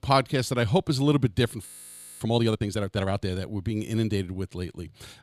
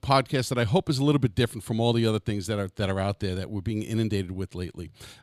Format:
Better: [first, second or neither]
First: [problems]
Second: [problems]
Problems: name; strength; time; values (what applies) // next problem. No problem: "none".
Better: second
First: audio freezing; at 1.5 s for 0.5 s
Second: none